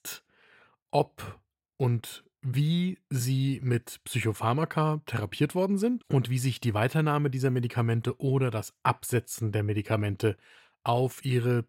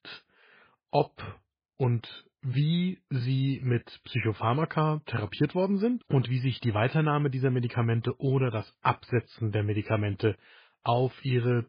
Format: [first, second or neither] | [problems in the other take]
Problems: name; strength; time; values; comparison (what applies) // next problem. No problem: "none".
first | garbled, watery; badly